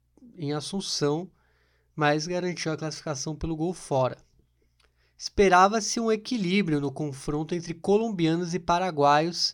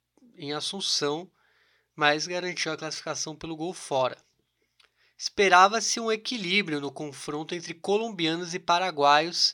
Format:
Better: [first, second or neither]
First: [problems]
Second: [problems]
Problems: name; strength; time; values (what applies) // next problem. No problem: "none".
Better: first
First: none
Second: thin; somewhat; fading below 500 Hz